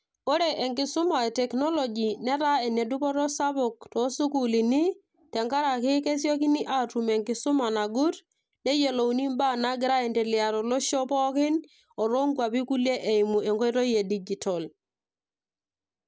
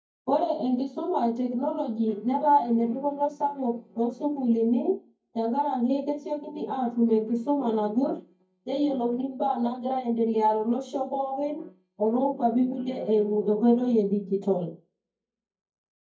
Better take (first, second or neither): first